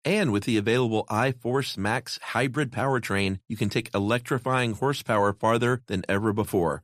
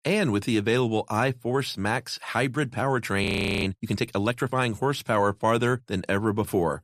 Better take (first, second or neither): first